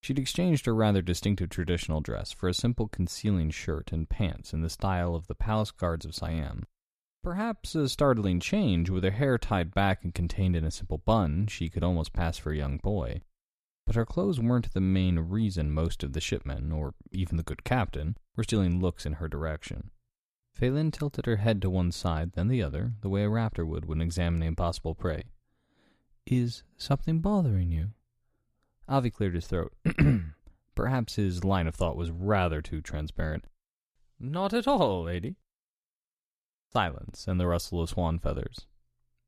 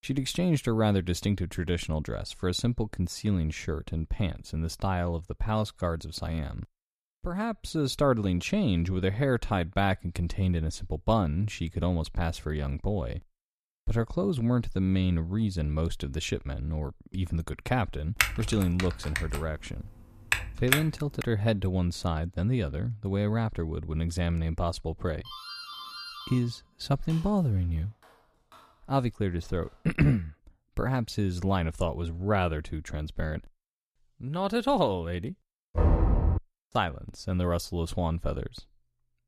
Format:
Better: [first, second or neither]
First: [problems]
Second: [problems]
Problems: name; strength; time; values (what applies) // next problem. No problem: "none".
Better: first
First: none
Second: keyboard typing; loud; from 18 to 21 s; peak 3 dB above the speech // doorbell; noticeable; from 25 to 30 s; peak 9 dB below the speech // door banging; loud; at 36 s; peak 5 dB above the speech